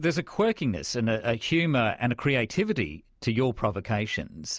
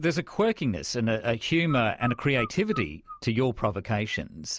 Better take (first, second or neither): first